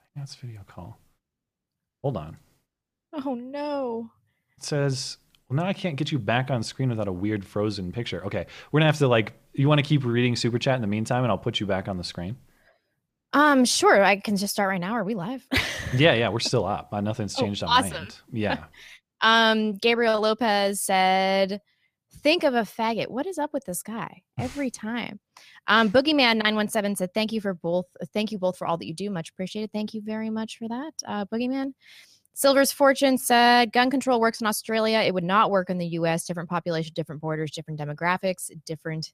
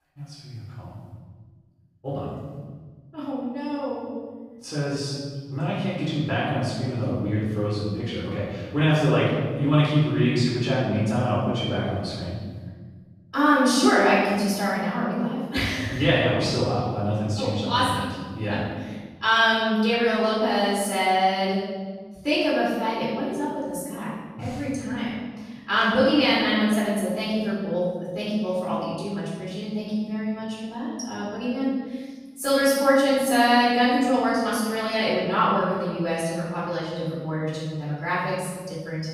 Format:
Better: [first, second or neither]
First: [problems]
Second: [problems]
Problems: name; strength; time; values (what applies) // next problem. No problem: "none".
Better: first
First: none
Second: room echo; strong; dies away in 1.6 s // off-mic speech; far